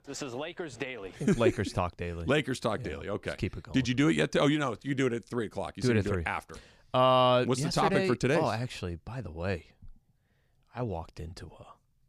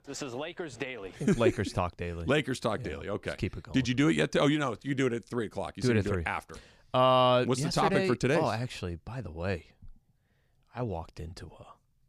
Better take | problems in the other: neither | none

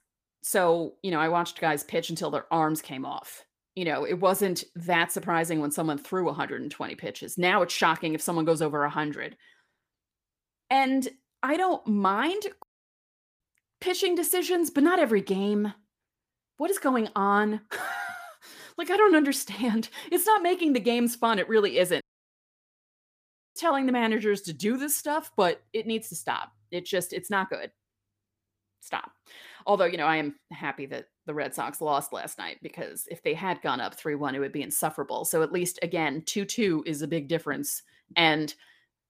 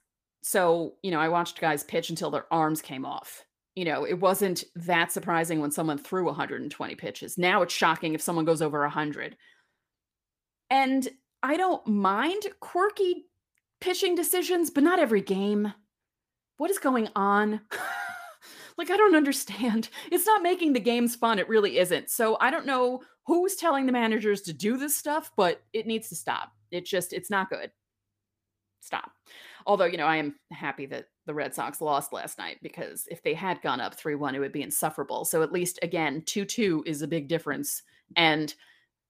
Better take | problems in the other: second | audio cutting out; at 13 s for 1 s and at 22 s for 1.5 s

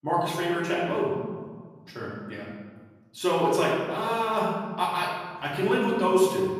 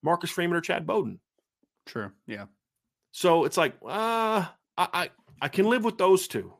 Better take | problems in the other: second | room echo; noticeable; dies away in 1.5 s // off-mic speech; far

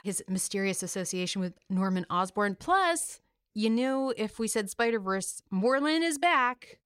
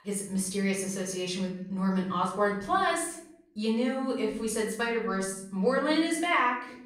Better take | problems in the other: first | off-mic speech; far // room echo; noticeable; dies away in 0.6 s

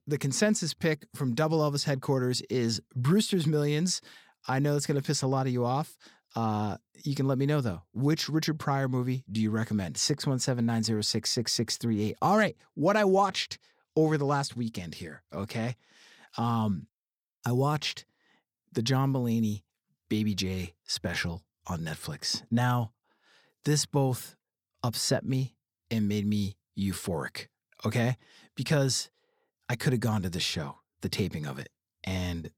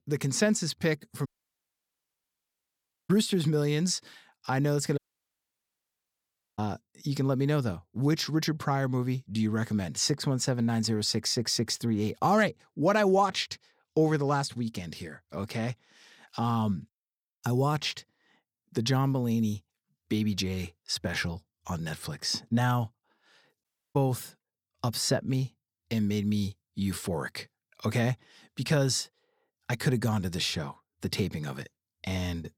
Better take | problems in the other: first | audio cutting out; at 1.5 s for 2 s, at 5 s for 1.5 s and at 24 s

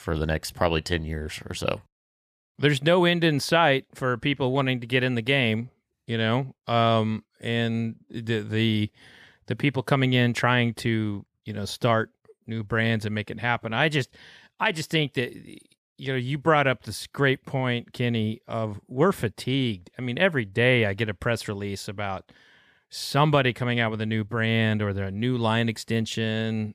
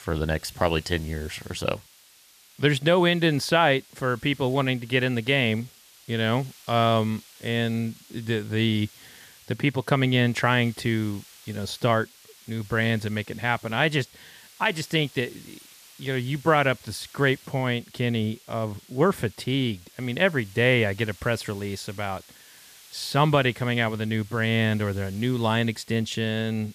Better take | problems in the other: first | hiss; faint; throughout; 25 dB below the speech

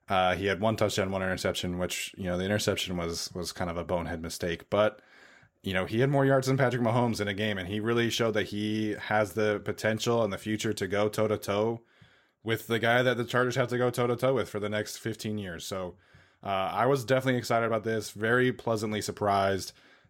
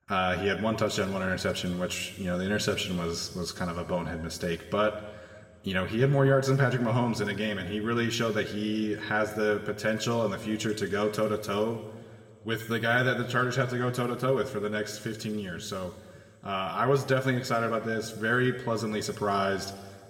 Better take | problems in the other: first | room echo; slight; dies away in 2.2 s

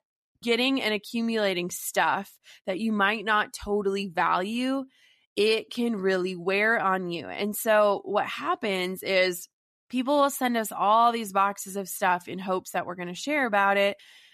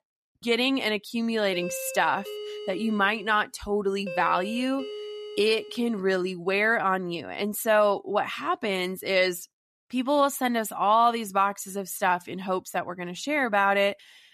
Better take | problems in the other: first | doorbell; noticeable; from 1.5 to 6 s; peak 9 dB below the speech

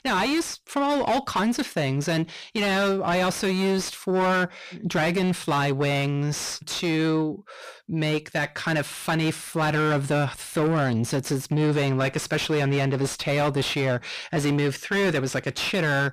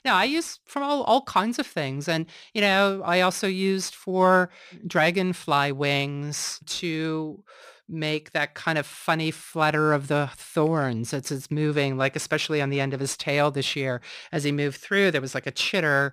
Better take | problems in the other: second | distortion; heavy; 5 dB below the speech

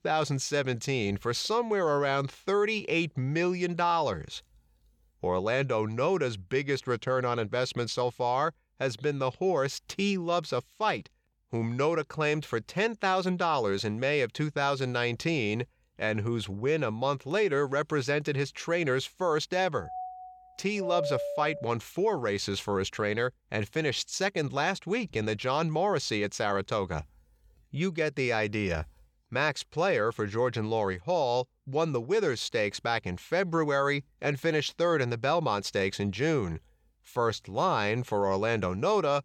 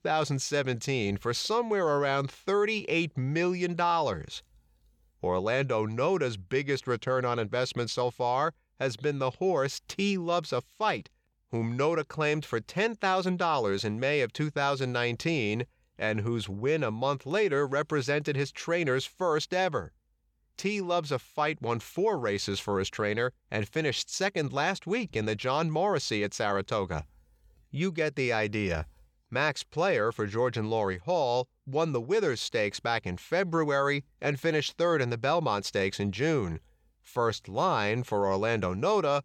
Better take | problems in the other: second | doorbell; noticeable; from 20 to 22 s; peak 2 dB below the speech

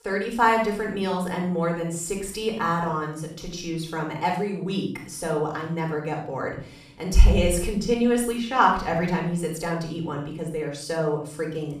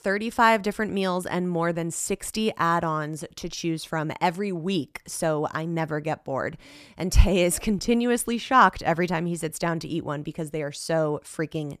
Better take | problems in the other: second | off-mic speech; somewhat distant // room echo; noticeable; dies away in 0.5 s

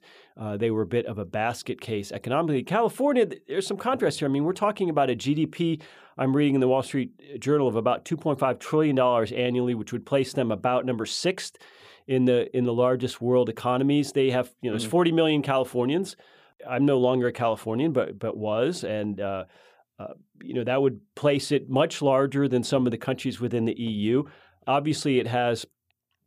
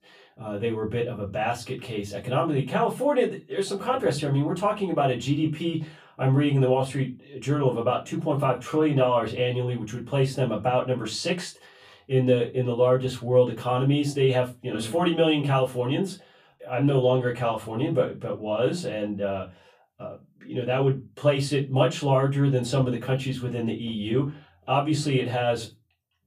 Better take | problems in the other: first | off-mic speech; far // room echo; very slight; dies away in 0.2 s

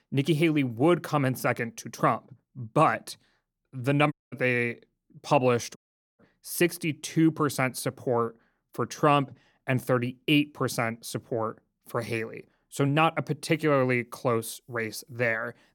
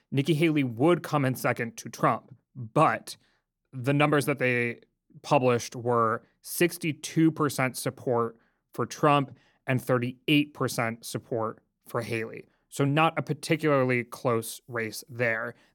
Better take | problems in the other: second | audio cutting out; at 4 s and at 6 s

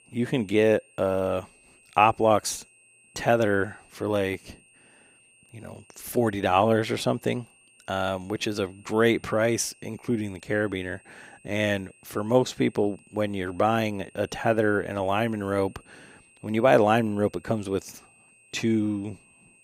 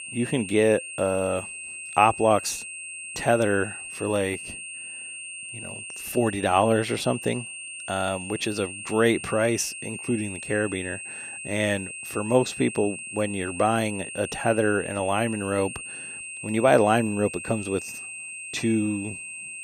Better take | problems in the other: first | high-pitched whine; loud; throughout; 2.5 kHz, 9 dB below the speech; faint in the first

